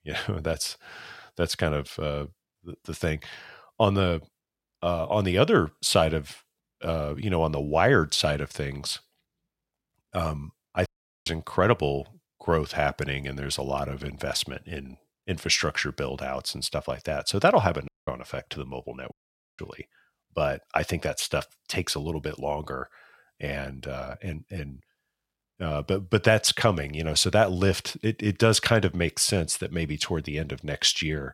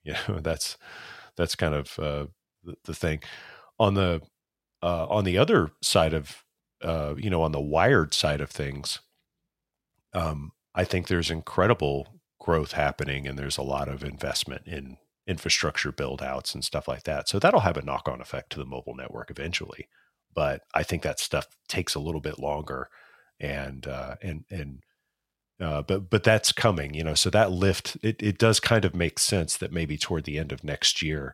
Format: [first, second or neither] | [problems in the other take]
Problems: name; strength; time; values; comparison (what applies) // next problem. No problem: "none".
second | audio cutting out; at 11 s, at 18 s and at 19 s